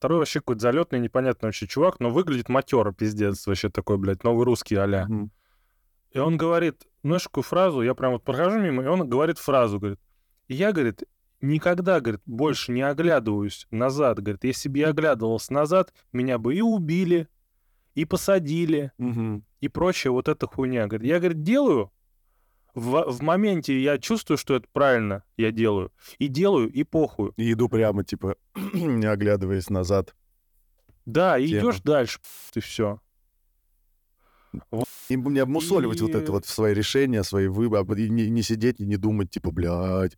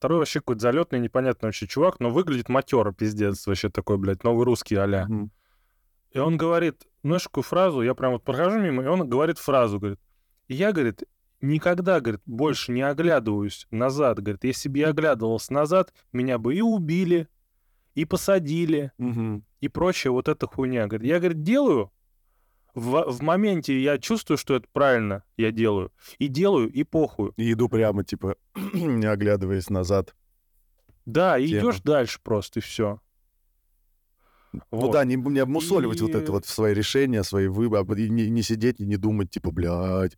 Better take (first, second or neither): second